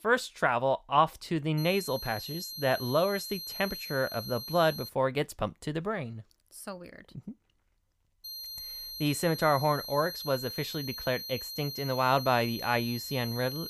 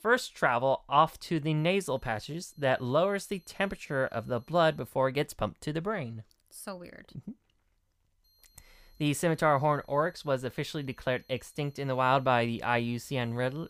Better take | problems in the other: second | high-pitched whine; loud; from 1.5 to 5 s and from 8 s on; 4 kHz, 8 dB below the speech; faint in the second

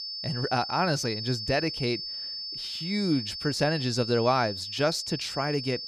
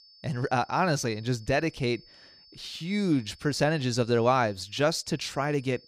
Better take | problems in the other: second | high-pitched whine; loud; throughout; 5 kHz, 5 dB below the speech; faint in the second

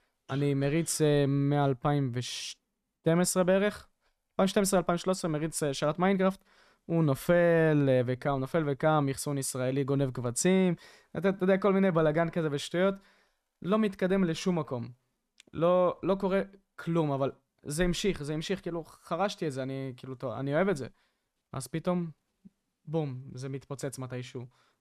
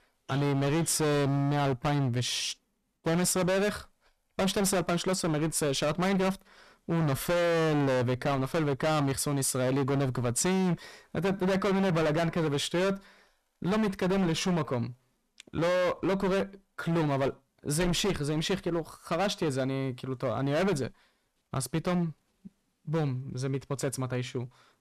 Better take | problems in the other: first | distortion; heavy; 22% of the sound clipped

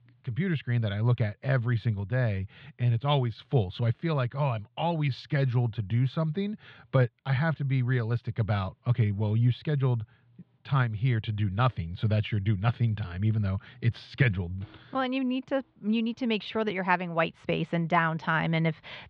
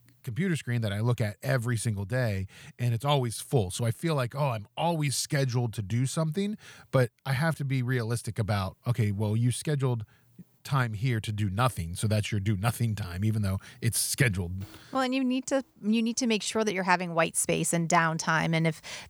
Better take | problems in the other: second | muffled; very; fading above 3.5 kHz

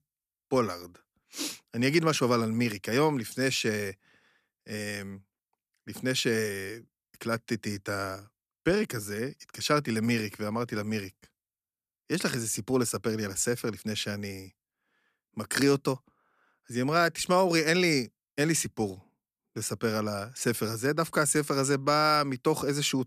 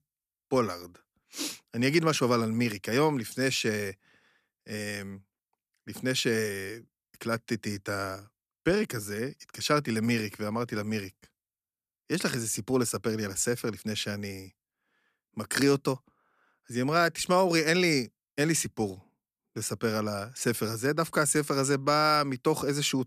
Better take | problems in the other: neither | none

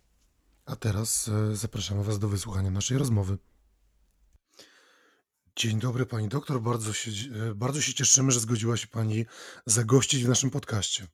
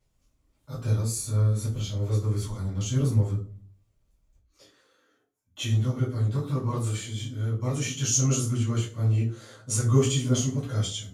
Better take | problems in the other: first | off-mic speech; far // room echo; slight; dies away in 0.4 s

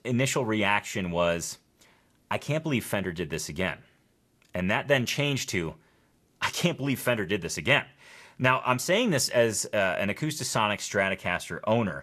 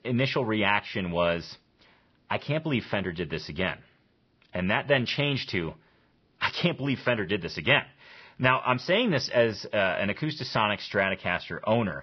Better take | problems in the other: first | garbled, watery; badly; nothing above 5.5 kHz; slightly in the first

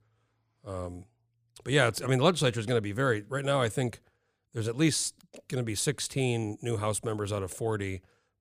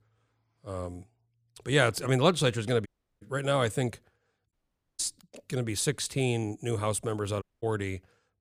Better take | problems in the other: first | audio cutting out; at 3 s, at 4.5 s and at 7.5 s

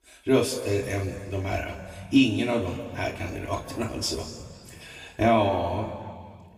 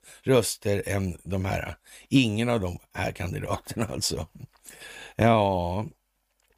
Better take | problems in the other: second | room echo; slight; dies away in 1.9 s // off-mic speech; far

